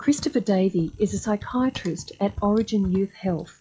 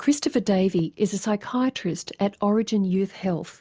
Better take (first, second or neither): second